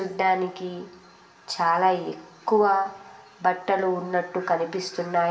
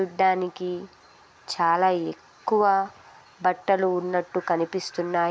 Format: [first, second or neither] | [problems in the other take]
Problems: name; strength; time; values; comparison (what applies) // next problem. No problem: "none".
second | room echo; dies away in 0.6 s